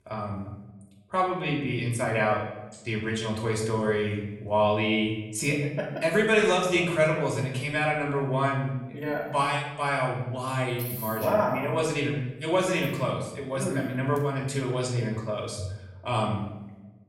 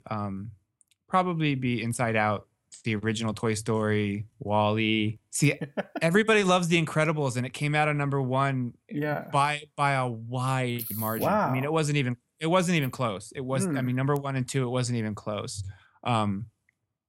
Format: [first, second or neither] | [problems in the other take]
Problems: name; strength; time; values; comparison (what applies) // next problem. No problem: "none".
second | off-mic speech; far // room echo; noticeable; dies away in 0.8 s